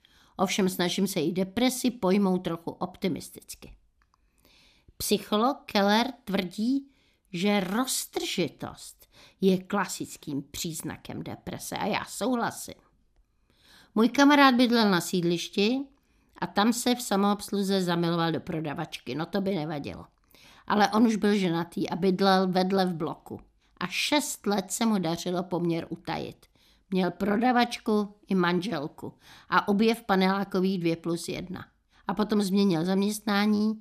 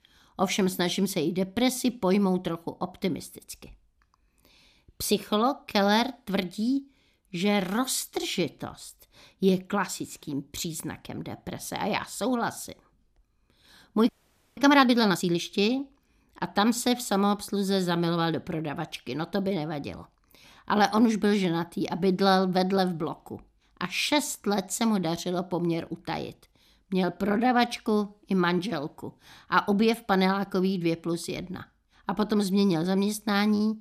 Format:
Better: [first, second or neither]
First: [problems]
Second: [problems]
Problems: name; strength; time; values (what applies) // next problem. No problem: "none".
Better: first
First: none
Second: audio freezing; at 14 s